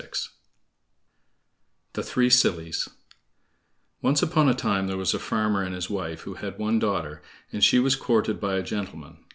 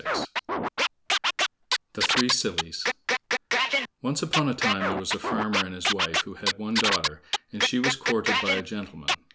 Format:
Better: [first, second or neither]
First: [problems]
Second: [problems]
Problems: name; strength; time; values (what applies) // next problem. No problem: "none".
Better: first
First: none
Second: background sound (Scratching (performance technique)); 3 dB above the speech